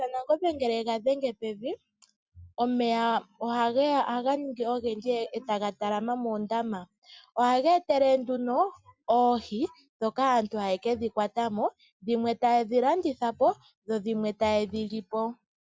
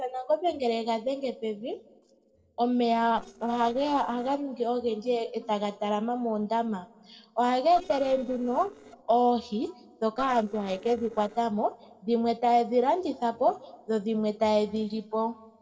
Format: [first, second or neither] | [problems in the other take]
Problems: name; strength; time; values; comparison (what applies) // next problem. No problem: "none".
first | noise reduction (neural separator model SepFormer DNS4)